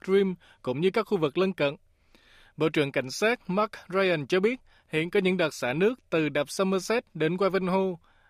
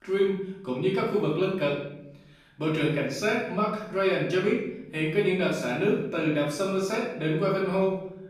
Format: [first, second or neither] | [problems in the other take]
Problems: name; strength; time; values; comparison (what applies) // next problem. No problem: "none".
first | off-mic speech; far // room echo; noticeable; dies away in 0.7 s